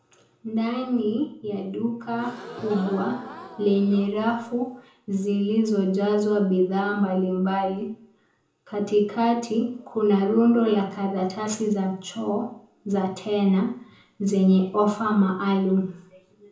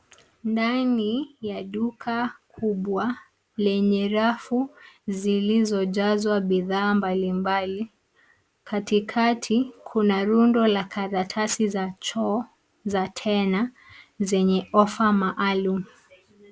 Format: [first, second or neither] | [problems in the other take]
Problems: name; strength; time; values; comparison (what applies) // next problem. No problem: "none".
second | background sound (Crowd / Gasp); 16 dB below the speech // room echo; dies away in 0.5 s